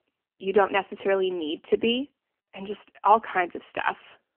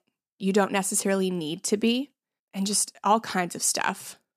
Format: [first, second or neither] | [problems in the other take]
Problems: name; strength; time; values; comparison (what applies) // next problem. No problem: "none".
second | phone-call audio; poor line; nothing above 3 kHz